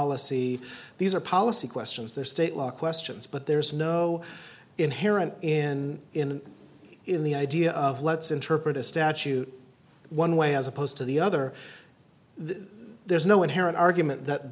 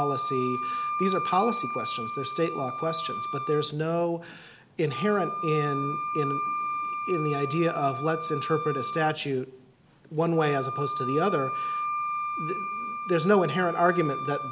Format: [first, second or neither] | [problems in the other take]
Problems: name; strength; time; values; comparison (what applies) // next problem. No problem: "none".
first | background sound (Wind instrument, woodwind instrument); 4 dB below the speech